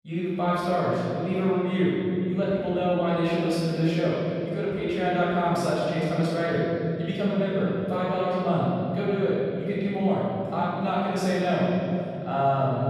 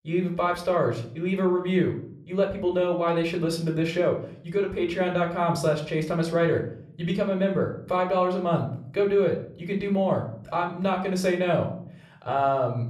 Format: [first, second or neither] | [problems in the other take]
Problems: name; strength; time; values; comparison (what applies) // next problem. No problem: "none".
second | room echo; strong; dies away in 2.8 s; slight in the second // off-mic speech; far; somewhat distant in the second